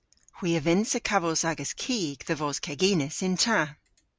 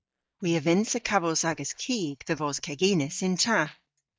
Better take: first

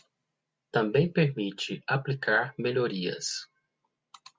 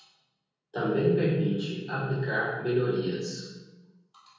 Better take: first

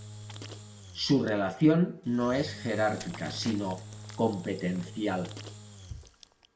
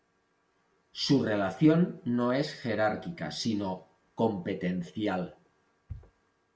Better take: second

